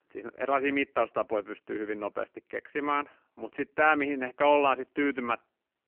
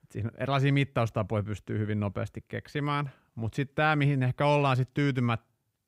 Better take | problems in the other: second | phone-call audio; poor line; nothing above 3 kHz

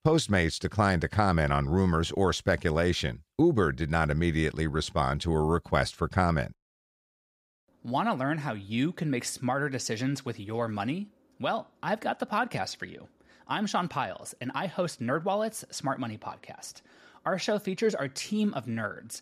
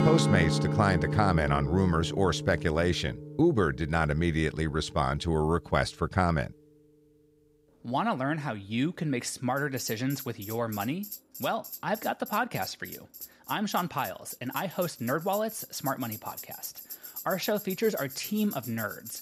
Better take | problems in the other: first | background music; loud; throughout; 7 dB below the speech

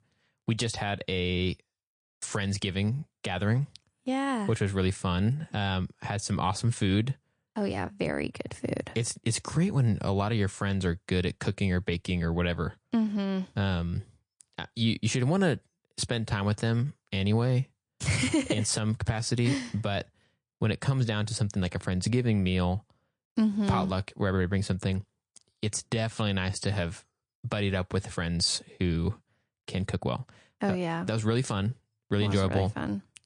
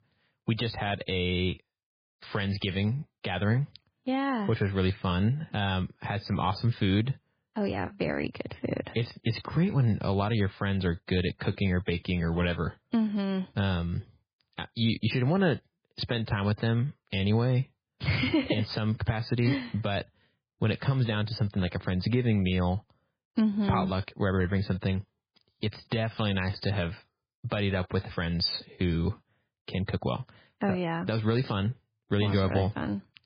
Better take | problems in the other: first | garbled, watery; badly; nothing above 5 kHz; slightly in the first

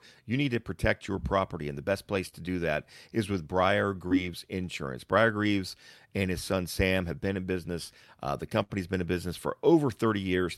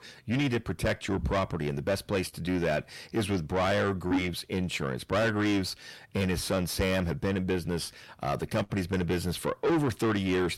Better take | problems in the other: first | distortion; heavy; 6 dB below the speech

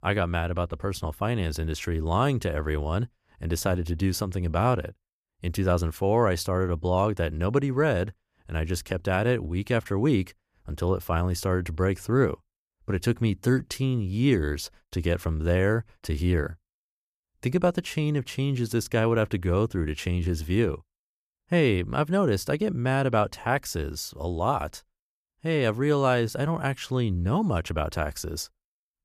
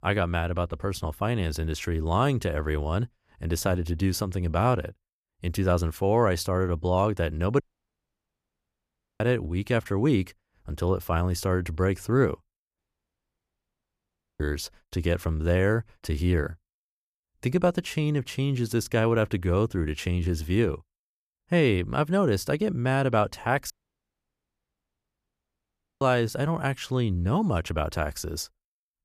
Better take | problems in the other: first | audio cutting out; at 7.5 s for 1.5 s, at 13 s for 1.5 s and at 24 s for 2.5 s

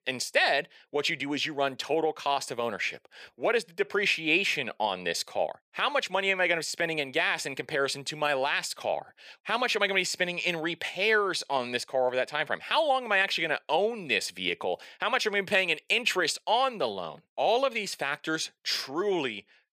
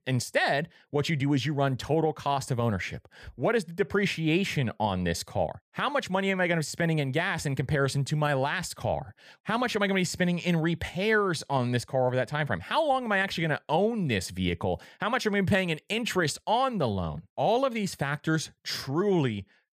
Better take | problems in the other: second | thin; somewhat; fading below 400 Hz

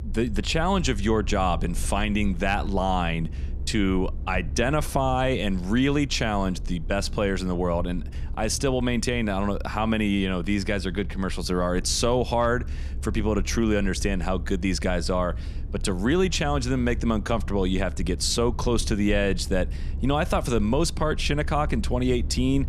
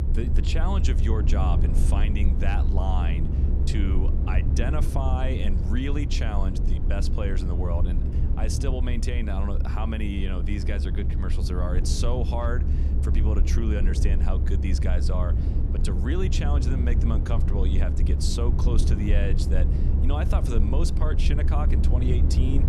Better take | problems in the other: first | low rumble; loud; throughout; 5 dB below the speech; faint in the first

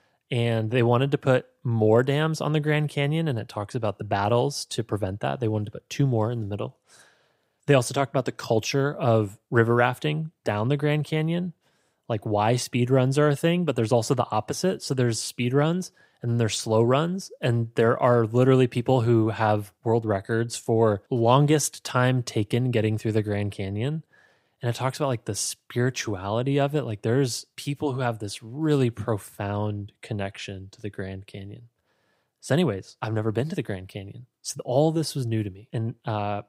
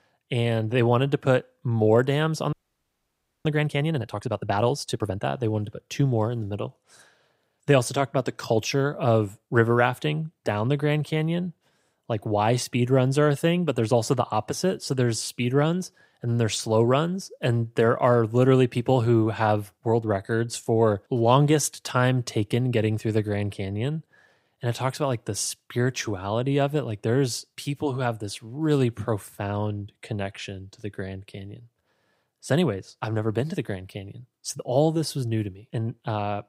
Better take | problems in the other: first | audio freezing; at 2.5 s for 1 s

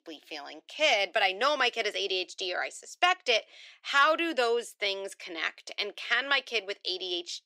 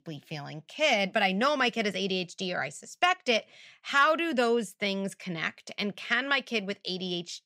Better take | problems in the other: second | thin; very; fading below 300 Hz

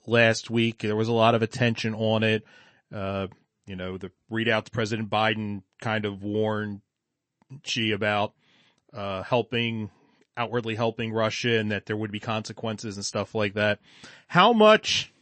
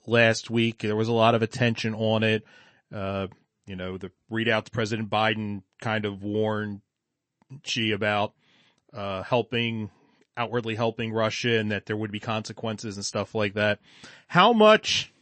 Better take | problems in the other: neither | garbled, watery; slightly; nothing above 8 kHz; the same in both

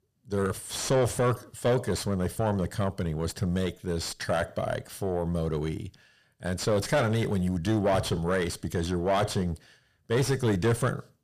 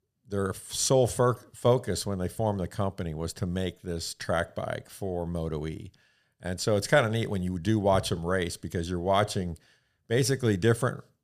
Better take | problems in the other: second | distortion; heavy; 7 dB below the speech

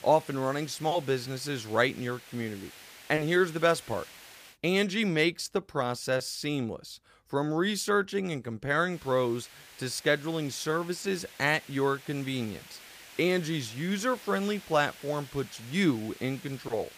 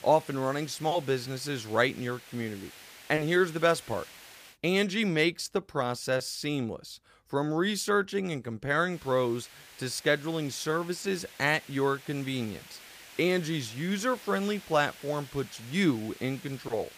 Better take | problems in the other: neither | hiss; noticeable; until 4.5 s and from 9 s on; 20 dB below the speech; the same in both

